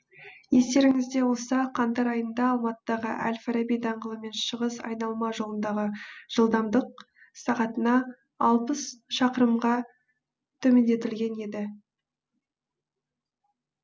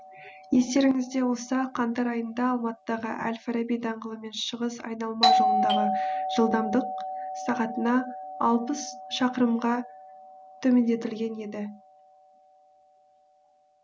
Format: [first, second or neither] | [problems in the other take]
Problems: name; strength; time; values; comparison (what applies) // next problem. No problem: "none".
first | background sound (Doorbell); 4 dB below the speech